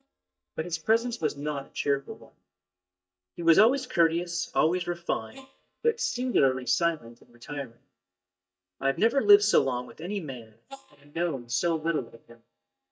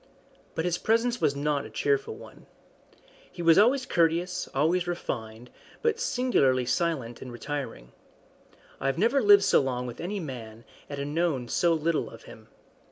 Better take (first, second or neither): second